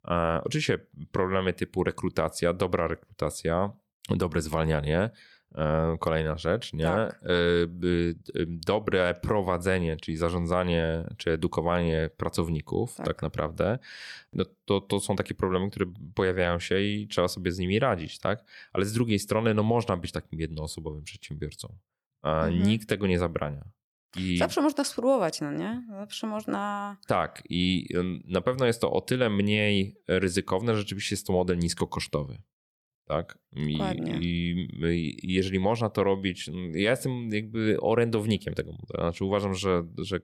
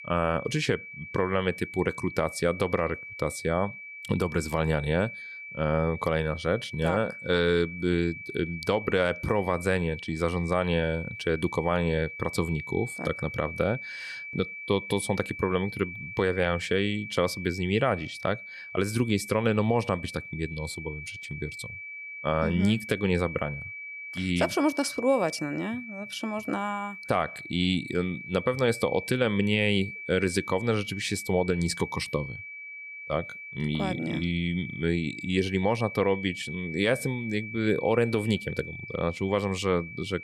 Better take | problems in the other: first | high-pitched whine; loud; throughout; 2.5 kHz, 10 dB below the speech

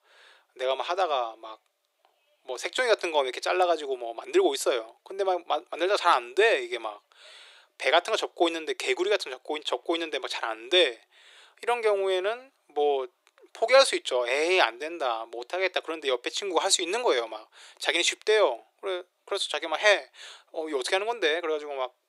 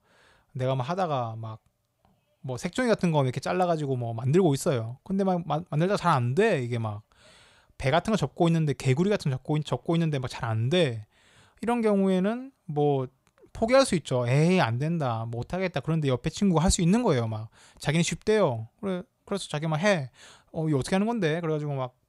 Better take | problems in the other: second | thin; very; fading below 350 Hz

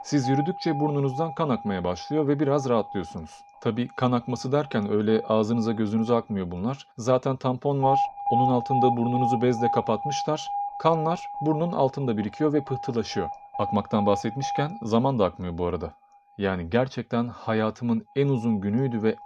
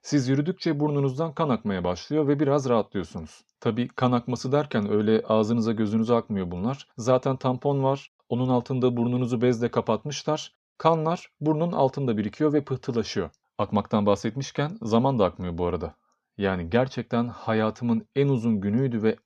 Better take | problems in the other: second | alarms or sirens; loud; throughout; 5 dB below the speech

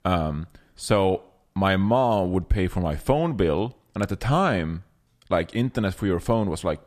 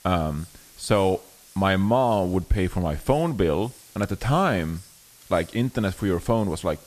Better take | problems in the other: first | hiss; faint; throughout; 25 dB below the speech

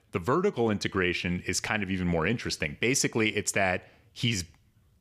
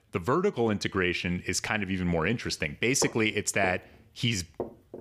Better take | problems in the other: first | footsteps; noticeable; from 3 s on; peak 9 dB below the speech

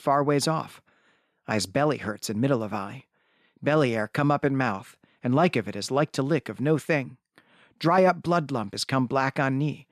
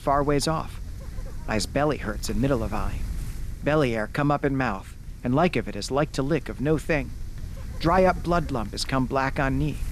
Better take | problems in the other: first | wind noise on the microphone; occasional gusts; 25 dB below the speech

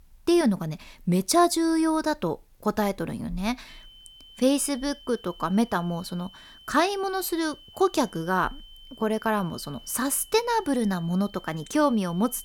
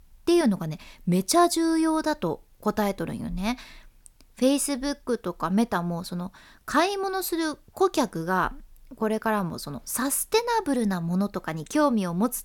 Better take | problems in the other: second | high-pitched whine; faint; from 3.5 s on; 3 kHz, 20 dB below the speech

